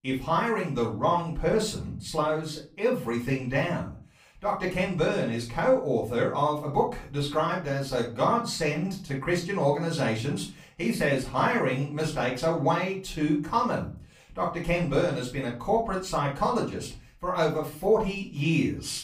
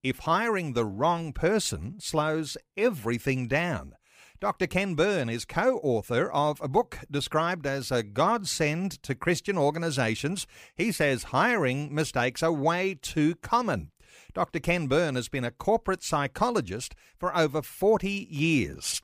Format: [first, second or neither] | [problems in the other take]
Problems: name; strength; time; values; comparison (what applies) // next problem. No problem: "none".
second | off-mic speech; far // room echo; slight; dies away in 0.4 s